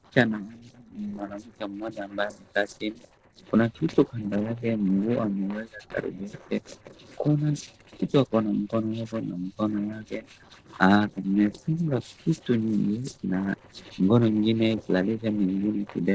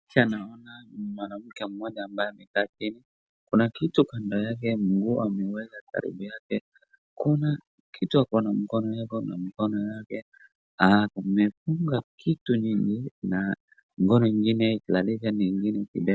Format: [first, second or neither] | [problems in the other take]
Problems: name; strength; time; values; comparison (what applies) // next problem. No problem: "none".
second | noise reduction (neural separator model SepFormer DNS4)